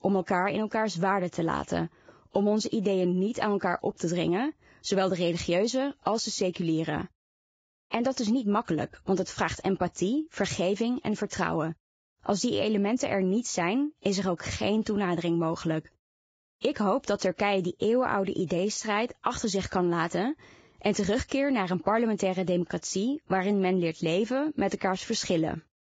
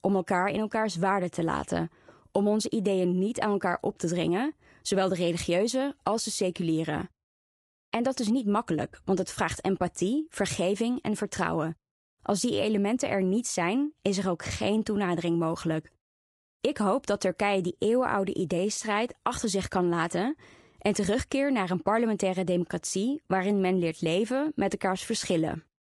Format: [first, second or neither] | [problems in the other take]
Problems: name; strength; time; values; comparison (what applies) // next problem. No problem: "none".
second | garbled, watery; badly; nothing above 7.5 kHz; slightly in the second